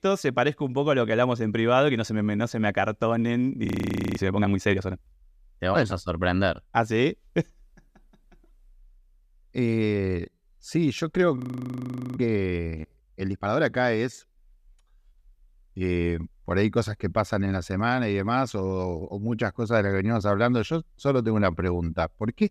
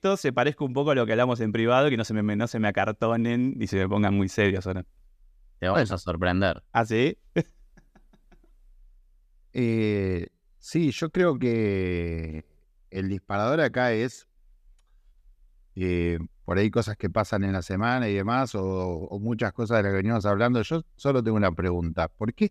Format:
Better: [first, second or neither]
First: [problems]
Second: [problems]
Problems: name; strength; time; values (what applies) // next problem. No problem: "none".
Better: second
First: audio freezing; at 3.5 s for 0.5 s and at 11 s for 1 s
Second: none